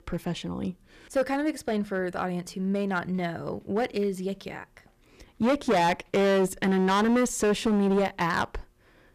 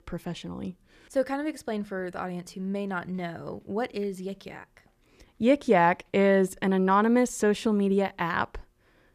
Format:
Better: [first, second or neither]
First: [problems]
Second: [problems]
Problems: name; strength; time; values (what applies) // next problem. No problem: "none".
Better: second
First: distortion; heavy; 9% of the sound clipped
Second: none